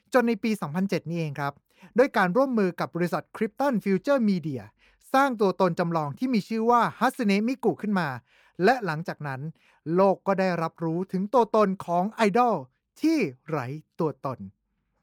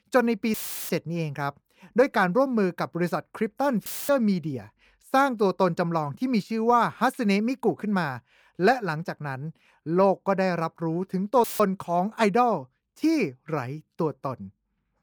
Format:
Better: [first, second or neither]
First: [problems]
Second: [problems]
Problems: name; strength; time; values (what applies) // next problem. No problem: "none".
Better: first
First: none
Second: audio cutting out; filled with static; at 0.5 s, at 4 s and at 11 s